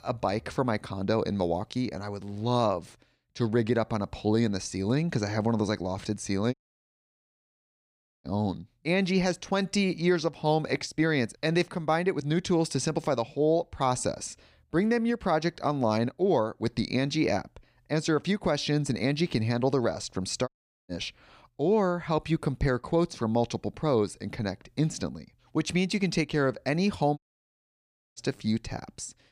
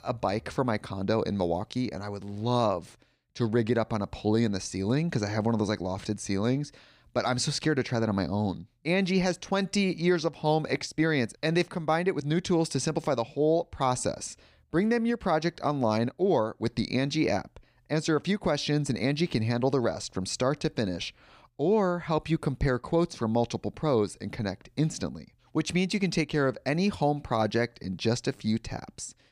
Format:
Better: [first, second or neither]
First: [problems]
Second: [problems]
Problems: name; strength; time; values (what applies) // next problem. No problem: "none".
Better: second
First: audio cutting out; at 6.5 s for 1.5 s, at 20 s and at 27 s for 1 s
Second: none